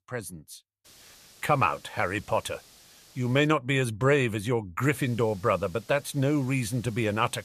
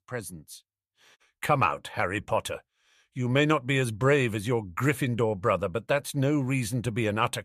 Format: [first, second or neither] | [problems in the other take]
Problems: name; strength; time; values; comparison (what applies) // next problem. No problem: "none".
second | hiss; faint; from 1 to 3.5 s and from 5 s on; 25 dB below the speech